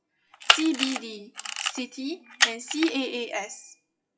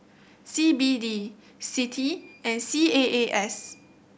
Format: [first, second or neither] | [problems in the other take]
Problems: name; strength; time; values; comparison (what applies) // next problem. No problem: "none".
second | noise reduction (classical method WPE with log-MMSE)